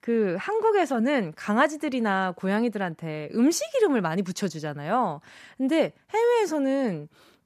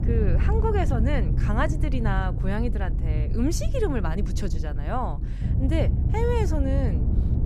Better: first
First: none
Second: low rumble; loud; throughout; 9 dB below the speech

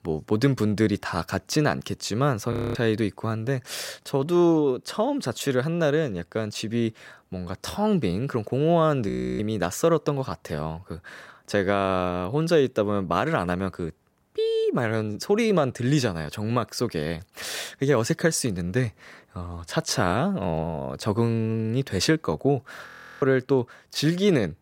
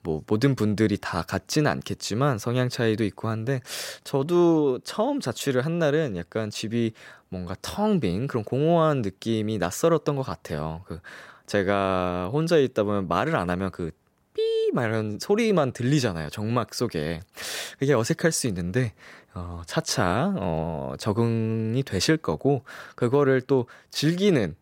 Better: second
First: audio freezing; at 2.5 s, at 9 s and at 23 s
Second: none

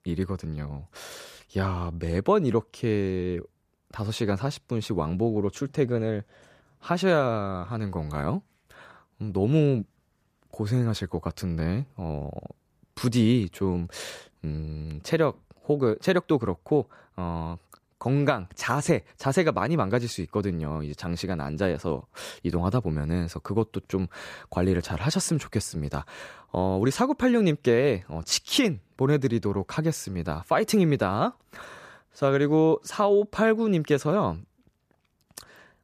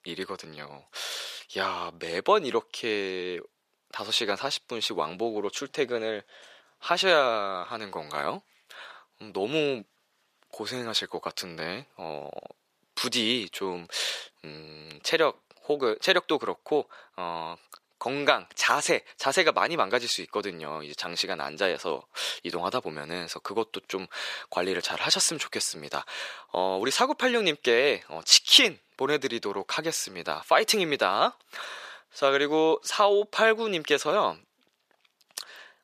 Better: first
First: none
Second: thin; very; fading below 500 Hz

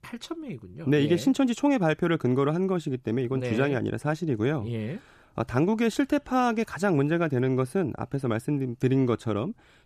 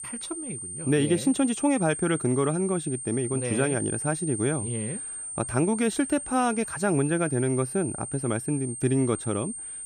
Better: first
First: none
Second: high-pitched whine; loud; throughout; 8.5 kHz, 7 dB below the speech

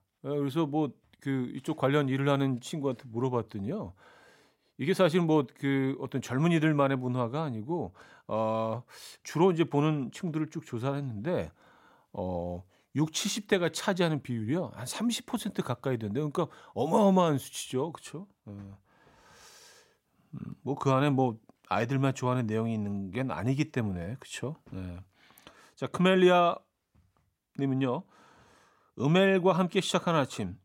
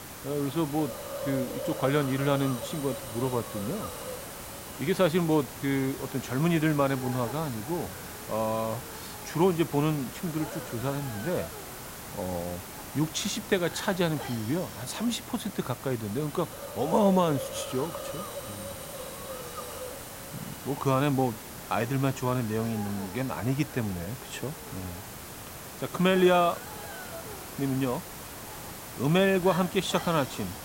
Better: first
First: none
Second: hiss; loud; throughout; 10 dB below the speech

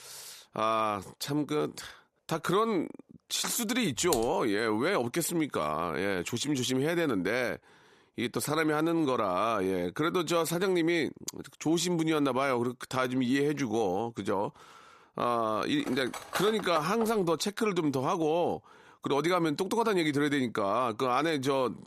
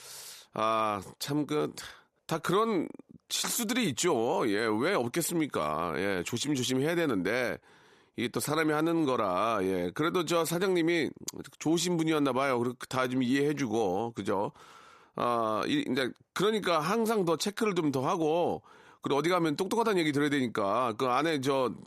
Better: second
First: keyboard typing; noticeable; at 4 s; peak 7 dB below the speech // clattering dishes; noticeable; from 16 to 17 s; peak 7 dB below the speech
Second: none

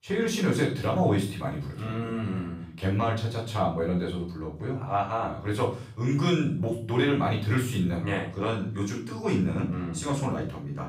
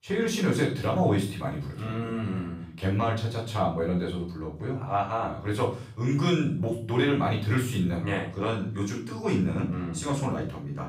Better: neither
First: off-mic speech; far // room echo; noticeable; dies away in 0.6 s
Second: off-mic speech; far // room echo; noticeable; dies away in 0.6 s

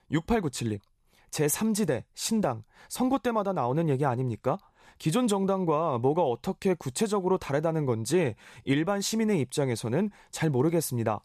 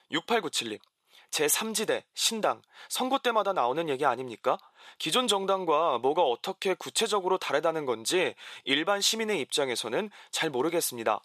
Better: first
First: none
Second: thin; somewhat; fading below 450 Hz

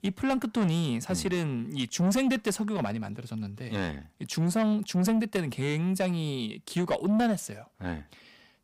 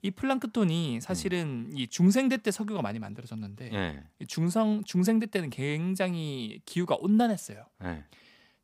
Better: second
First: distortion; slight; 10 dB below the speech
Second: none

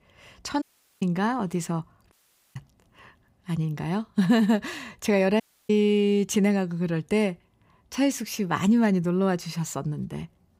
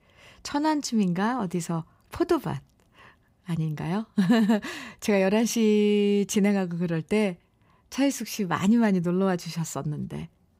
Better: second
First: audio cutting out; at 0.5 s, at 2 s and at 5.5 s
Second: none

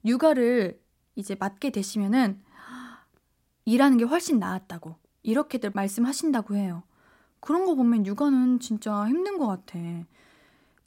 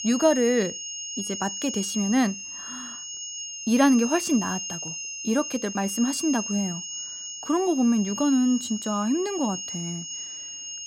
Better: first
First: none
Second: high-pitched whine; loud; throughout; 6.5 kHz, 7 dB below the speech

